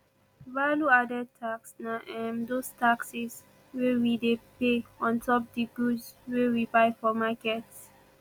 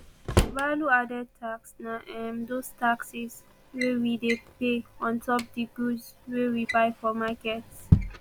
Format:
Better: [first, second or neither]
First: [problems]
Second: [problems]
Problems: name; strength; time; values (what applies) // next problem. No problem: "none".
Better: first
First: none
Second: background sound (Drawer open or close); 3 dB below the speech